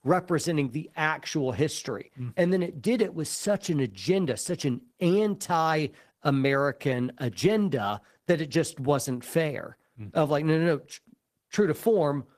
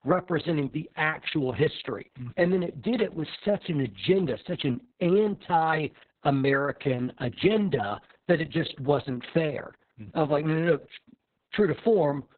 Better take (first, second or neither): first